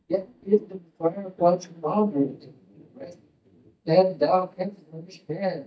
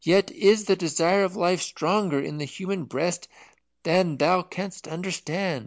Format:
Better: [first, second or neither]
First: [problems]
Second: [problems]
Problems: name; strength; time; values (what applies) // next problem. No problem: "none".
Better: second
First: noise reduction (neural mask model DeepFilterNet 3)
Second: none